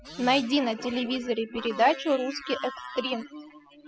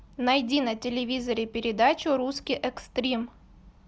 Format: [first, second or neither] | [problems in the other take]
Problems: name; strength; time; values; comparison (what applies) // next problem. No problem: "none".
second | noise reduction (classical method spectral subtraction)